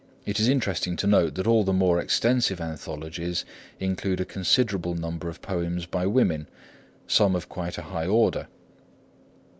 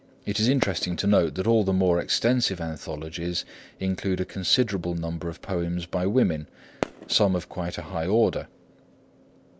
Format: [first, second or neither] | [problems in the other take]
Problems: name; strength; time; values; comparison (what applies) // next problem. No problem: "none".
first | background sound (Fireworks); 12 dB below the speech